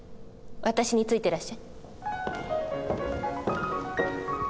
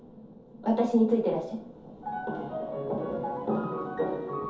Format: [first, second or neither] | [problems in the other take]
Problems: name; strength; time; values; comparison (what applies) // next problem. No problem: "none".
first | room echo; dies away in 0.5 s